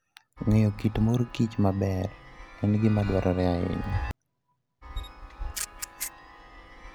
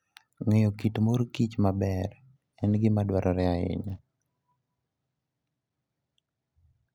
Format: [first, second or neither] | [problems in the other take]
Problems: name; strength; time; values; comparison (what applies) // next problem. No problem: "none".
second | background sound (Camera + Chime); 10 dB below the speech